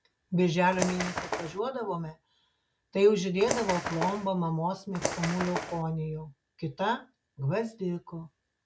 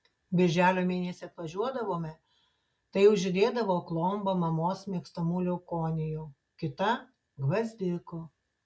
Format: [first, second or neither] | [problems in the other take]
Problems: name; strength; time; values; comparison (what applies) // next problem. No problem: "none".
second | background sound (Bird); 4 dB below the speech